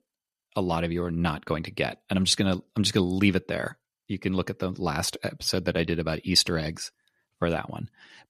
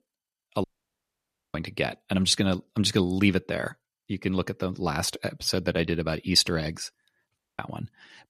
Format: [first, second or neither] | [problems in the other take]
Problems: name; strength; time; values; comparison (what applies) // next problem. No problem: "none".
first | audio cutting out; at 0.5 s for 1 s and at 7.5 s